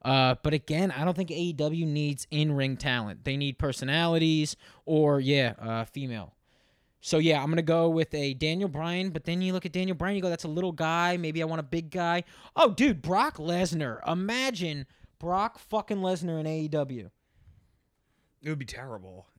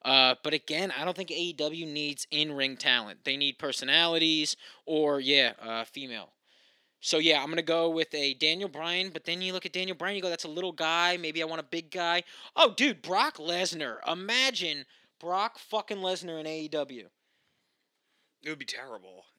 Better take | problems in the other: first | thin; somewhat; fading below 300 Hz

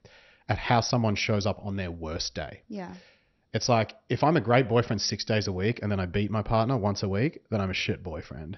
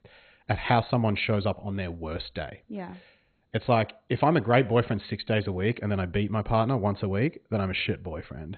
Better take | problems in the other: first | garbled, watery; badly; nothing above 4 kHz; slightly in the first

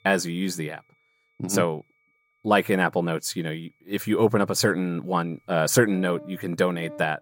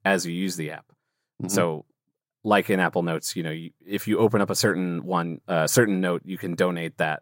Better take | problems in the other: second | background music; noticeable; throughout; 20 dB below the speech

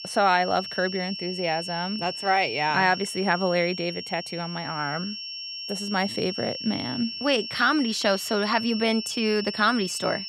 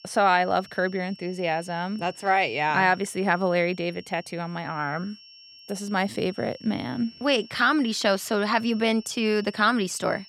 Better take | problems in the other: second | high-pitched whine; loud; throughout; 5.5 kHz, 7 dB below the speech; faint in the second

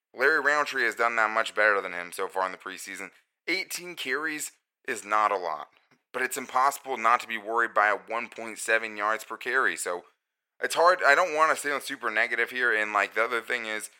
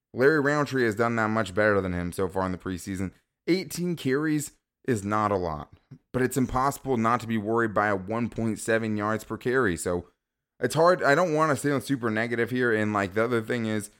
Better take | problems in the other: second | thin; very; fading below 750 Hz

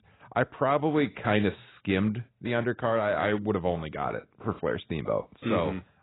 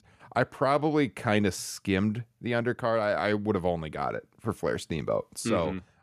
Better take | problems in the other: second | garbled, watery; badly; nothing above 4 kHz

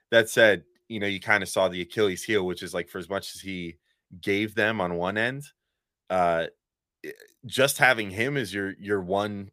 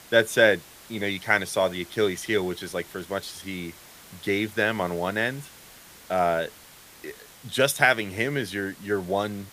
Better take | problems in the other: first | hiss; faint; throughout; 20 dB below the speech

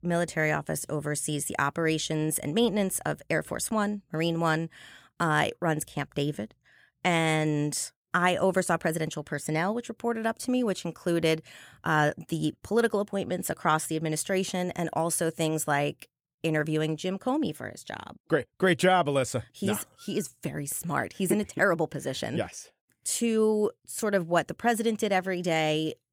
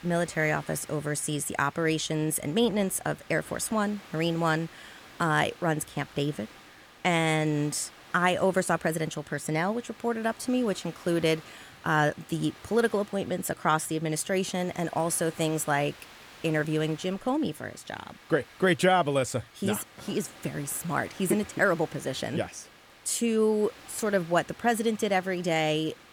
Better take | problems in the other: first | hiss; faint; throughout; 20 dB below the speech

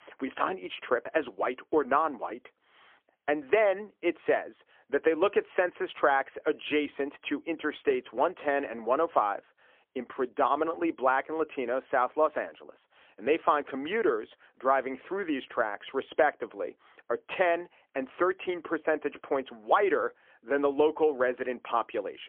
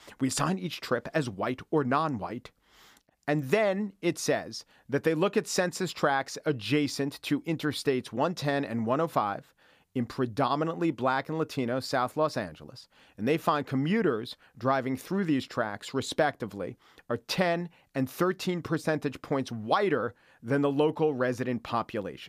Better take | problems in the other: second | phone-call audio; poor line; nothing above 3.5 kHz

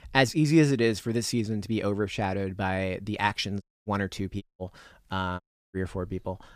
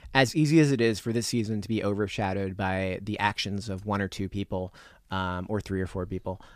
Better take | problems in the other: second | audio cutting out; at 3.5 s, at 4.5 s and at 5.5 s

